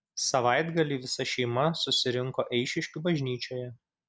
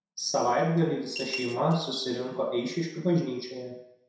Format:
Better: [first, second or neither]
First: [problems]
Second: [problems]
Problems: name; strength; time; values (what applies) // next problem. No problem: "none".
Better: first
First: none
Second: background sound (Coin (dropping) / Glass); 11 dB below the speech // room echo; dies away in 0.7 s